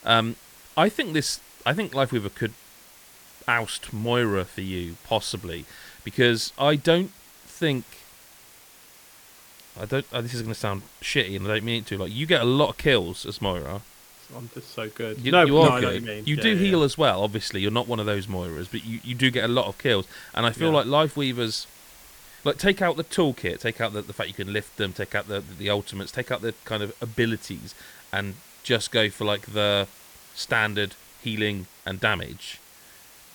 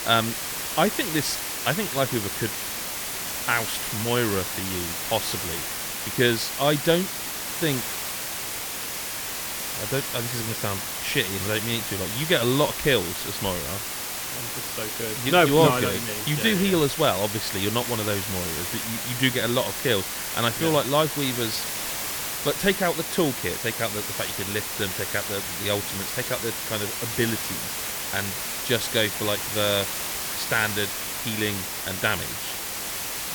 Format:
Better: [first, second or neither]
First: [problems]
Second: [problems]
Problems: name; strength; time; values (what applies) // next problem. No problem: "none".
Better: first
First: hiss; faint; throughout; 25 dB below the speech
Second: hiss; loud; throughout; 2 dB below the speech